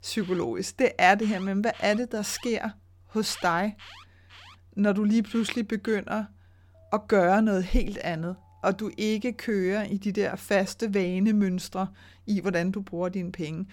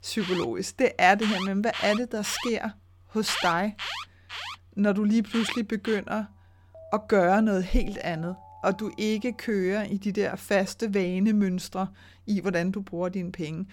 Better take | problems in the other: first | alarms or sirens; loud; throughout; 9 dB below the speech; faint in the first

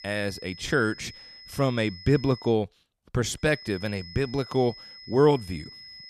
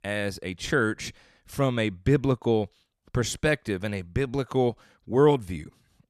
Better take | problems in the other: second | high-pitched whine; noticeable; until 2.5 s and from 3.5 s on; 5 kHz, 15 dB below the speech

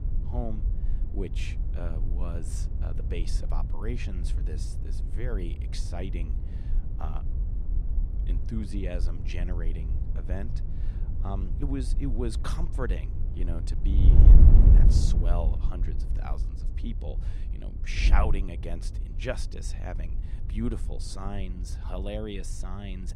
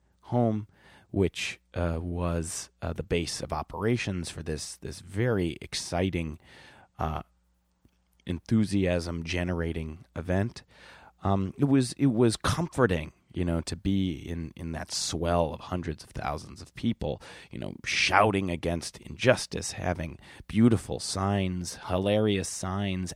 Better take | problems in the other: second | wind noise on the microphone; heavy; 6 dB below the speech

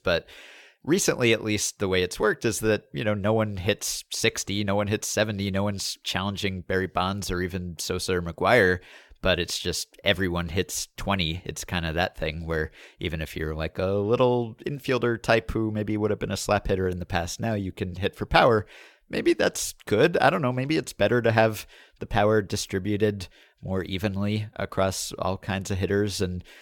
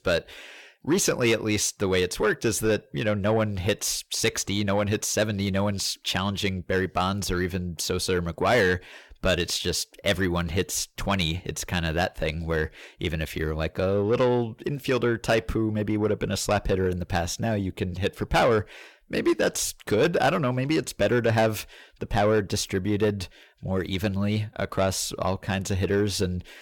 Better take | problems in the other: first | distortion; slight; 10 dB below the speech

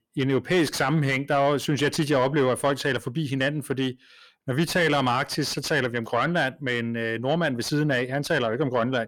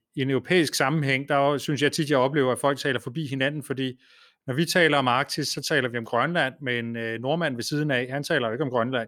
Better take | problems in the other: second | distortion; slight; 10 dB below the speech

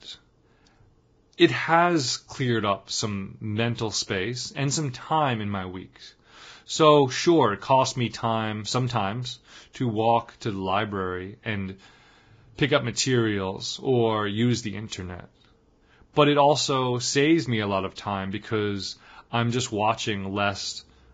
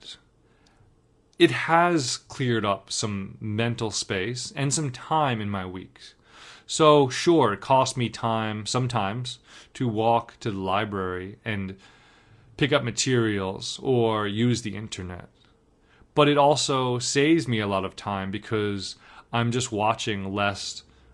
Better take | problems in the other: second | garbled, watery; badly; nothing above 7.5 kHz; slightly in the second

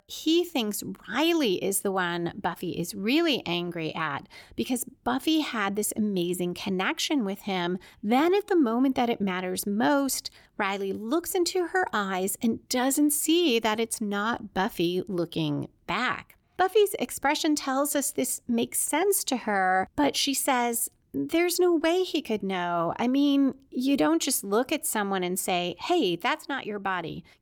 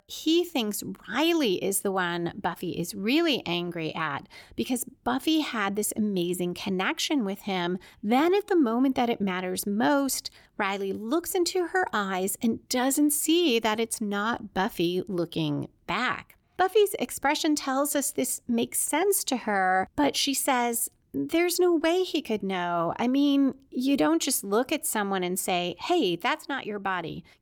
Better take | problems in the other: neither | none

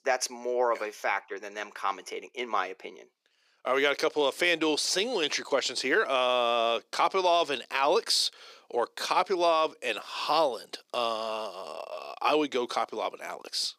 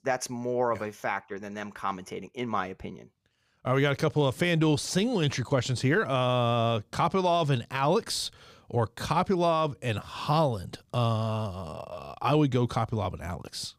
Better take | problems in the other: second | thin; very; fading below 350 Hz

